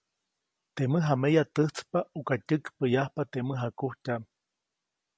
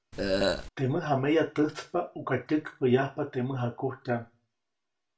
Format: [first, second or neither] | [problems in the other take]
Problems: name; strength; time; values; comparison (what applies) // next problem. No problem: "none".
first | background sound (Burping, eructation); 2 dB above the speech // room echo; dies away in 0.3 s